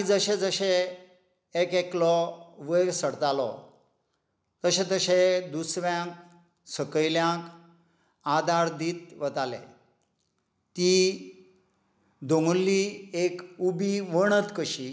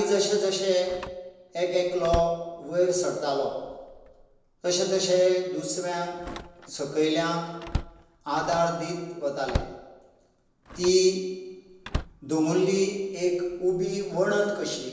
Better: first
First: none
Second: background sound (Slam); 14 dB below the speech // room echo; dies away in 1 s

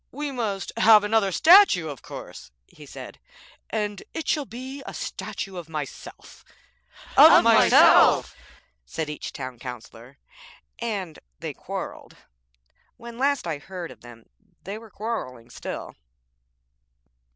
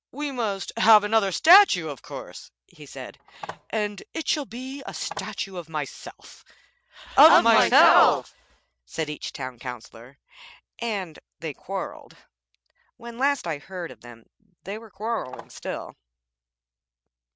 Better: first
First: none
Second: noise reduction (neural mask model RNNoise)

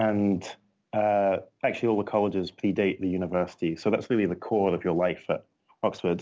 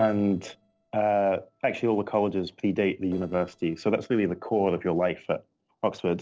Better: first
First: none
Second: noise reduction (neural separator model SepFormer DNS4)

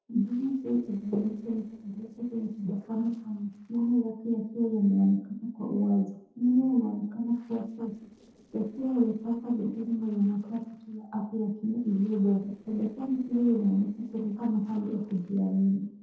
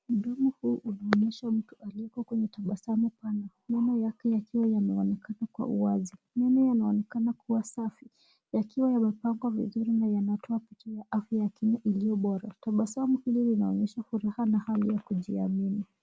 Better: second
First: noise reduction (neural separator model SepFormer DNS4)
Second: none

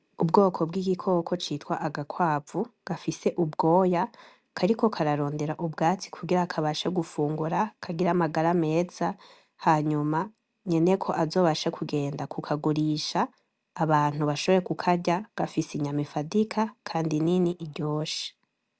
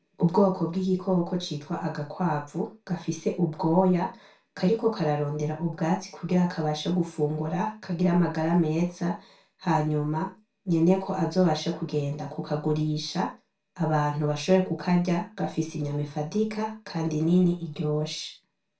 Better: first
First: none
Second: room echo; dies away in 0.3 s

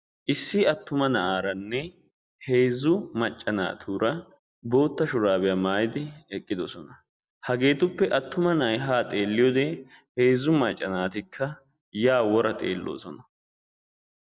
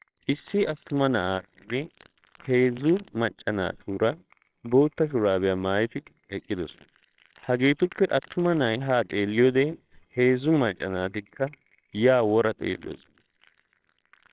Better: first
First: none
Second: noise reduction (neural separator model SepFormer WHAMR!)

